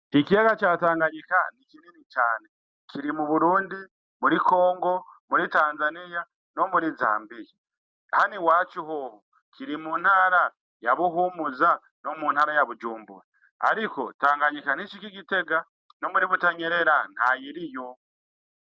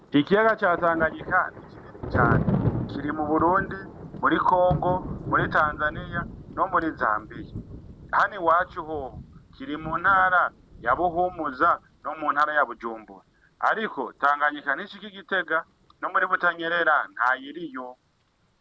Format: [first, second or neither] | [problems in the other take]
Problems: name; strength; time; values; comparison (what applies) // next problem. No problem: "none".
first | background sound (Thunder); 9 dB below the speech